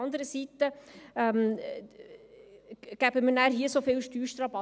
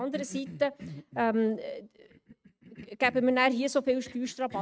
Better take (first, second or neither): first